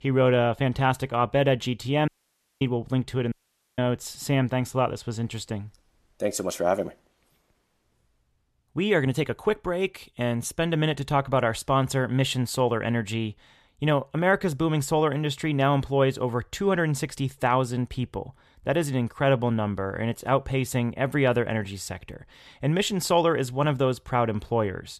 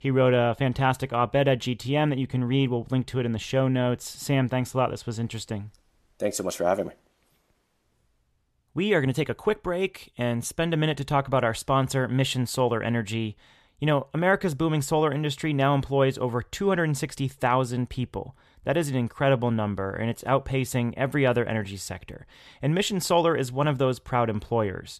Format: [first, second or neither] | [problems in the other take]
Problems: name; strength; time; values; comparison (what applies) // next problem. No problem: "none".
second | audio cutting out; at 2 s for 0.5 s and at 3.5 s